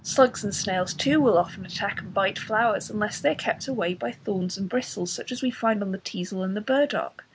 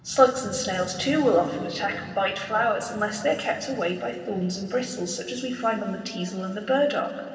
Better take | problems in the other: first | room echo; dies away in 2.4 s

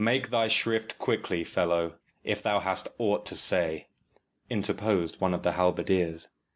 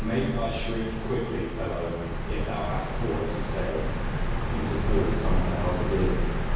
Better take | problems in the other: first | background sound (Bird vocalization, bird call, bird song); 3 dB above the speech // room echo; dies away in 1.3 s

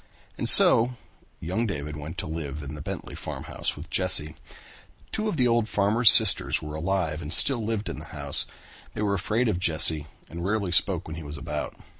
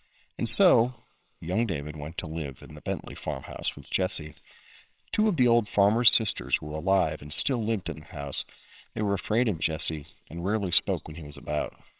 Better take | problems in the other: first | noise reduction (neural separator model SepFormer WHAMR!)

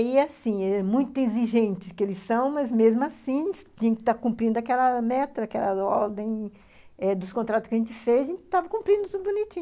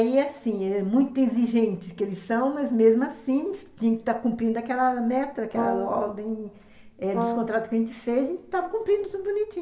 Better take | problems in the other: first | background sound (Brass instrument); 5 dB below the speech // room echo; dies away in 1.7 s

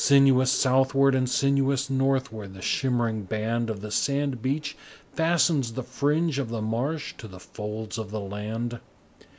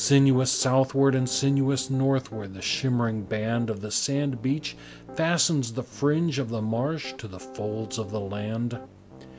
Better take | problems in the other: first | background sound (Piano); 19 dB below the speech

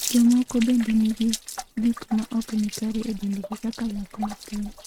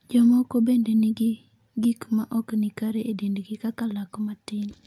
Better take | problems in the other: second | noise reduction (neural mask model RNNoise)

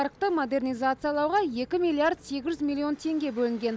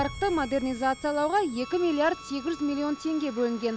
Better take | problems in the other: first | background sound (Boom + Harmonica); 16 dB below the speech

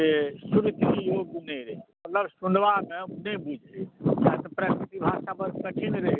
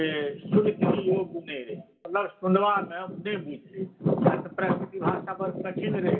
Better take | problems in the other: first | room echo; dies away in 0.8 s

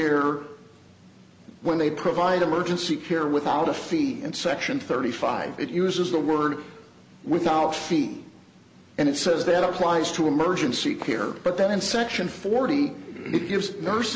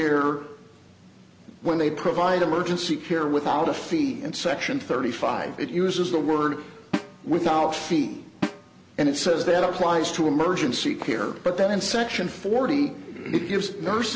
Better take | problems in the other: first | background sound (Snare drum); 11 dB below the speech

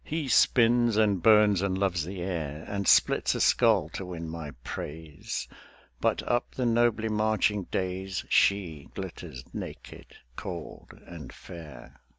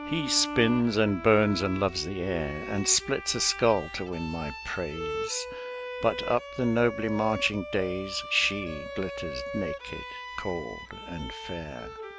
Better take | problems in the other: first | background sound (Bowed string instrument); 9 dB below the speech

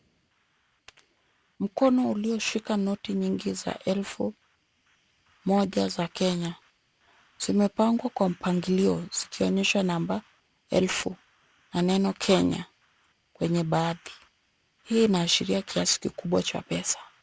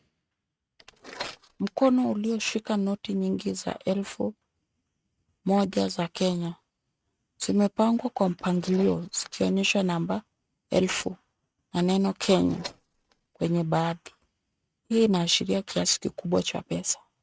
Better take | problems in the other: first | noise reduction (neural mask model RNNoise)

